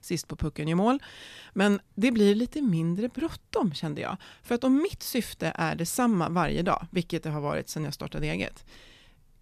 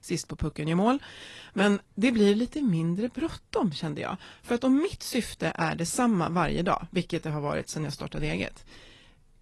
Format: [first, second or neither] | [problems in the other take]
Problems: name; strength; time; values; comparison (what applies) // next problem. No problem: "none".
first | garbled, watery; slightly; nothing above 12 kHz